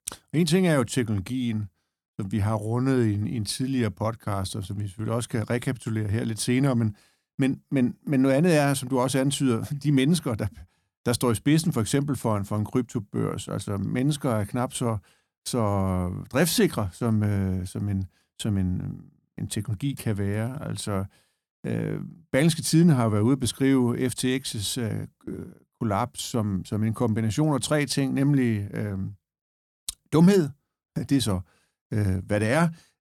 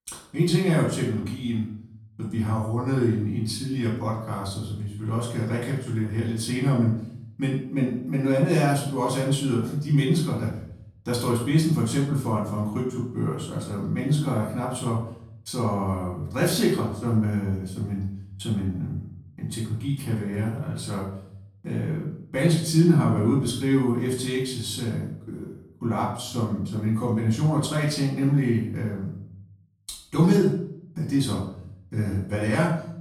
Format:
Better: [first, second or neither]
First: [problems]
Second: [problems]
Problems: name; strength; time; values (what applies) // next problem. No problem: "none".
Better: first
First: none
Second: room echo; noticeable; dies away in 0.6 s // off-mic speech; far